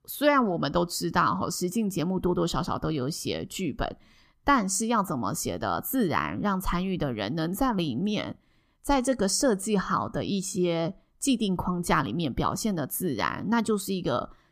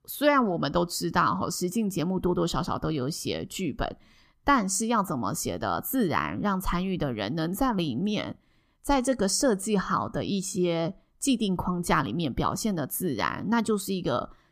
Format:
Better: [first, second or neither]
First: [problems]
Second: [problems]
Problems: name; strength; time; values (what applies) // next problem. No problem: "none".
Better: neither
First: none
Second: none